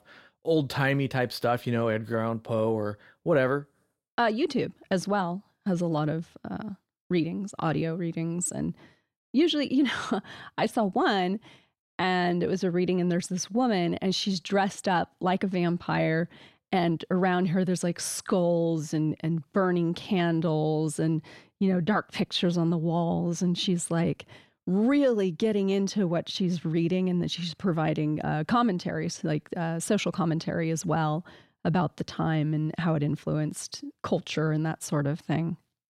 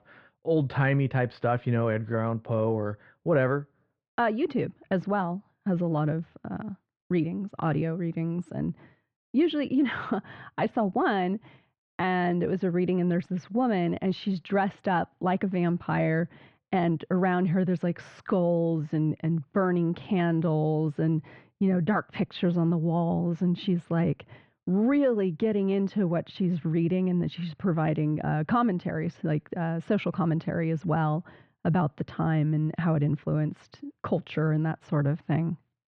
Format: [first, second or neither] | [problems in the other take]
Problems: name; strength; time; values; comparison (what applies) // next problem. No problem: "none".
first | muffled; very; fading above 2.5 kHz